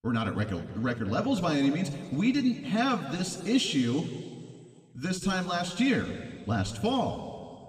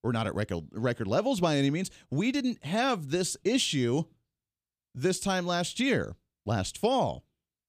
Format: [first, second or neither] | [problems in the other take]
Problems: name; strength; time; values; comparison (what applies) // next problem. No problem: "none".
second | room echo; slight; dies away in 2.1 s // off-mic speech; somewhat distant